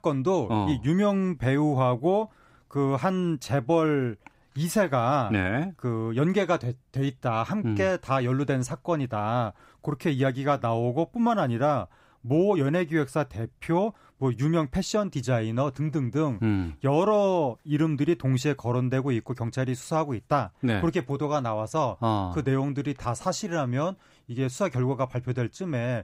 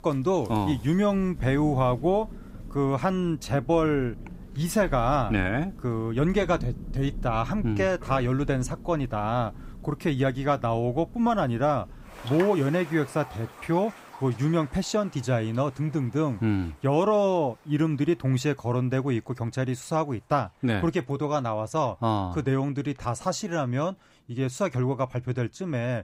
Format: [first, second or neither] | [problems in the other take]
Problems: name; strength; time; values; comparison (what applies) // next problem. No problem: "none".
first | rain or running water; noticeable; throughout; 15 dB below the speech